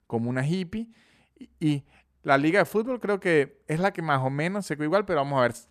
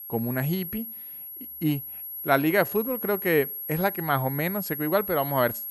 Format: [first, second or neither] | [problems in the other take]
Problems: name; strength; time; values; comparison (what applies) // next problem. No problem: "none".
first | high-pitched whine; loud; throughout; 11.5 kHz, 7 dB below the speech